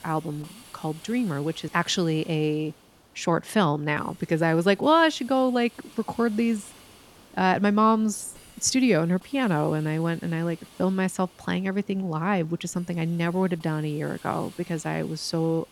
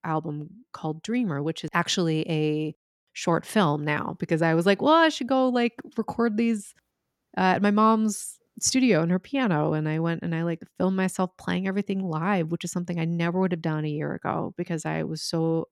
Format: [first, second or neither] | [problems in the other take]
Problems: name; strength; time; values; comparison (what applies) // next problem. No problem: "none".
second | hiss; faint; throughout; 25 dB below the speech